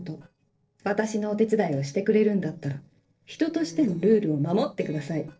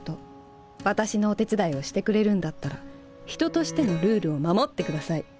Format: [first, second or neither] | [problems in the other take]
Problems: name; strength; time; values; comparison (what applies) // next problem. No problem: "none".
second | noise reduction (neural separator model SepFormer DNS4)